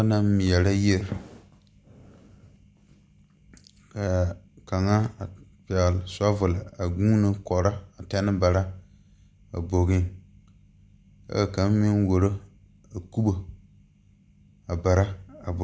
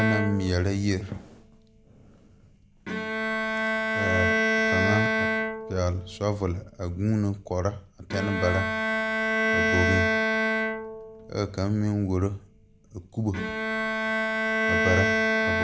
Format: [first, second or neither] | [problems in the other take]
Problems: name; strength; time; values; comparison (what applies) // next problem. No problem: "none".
first | background sound (Bowed string instrument); 2 dB above the speech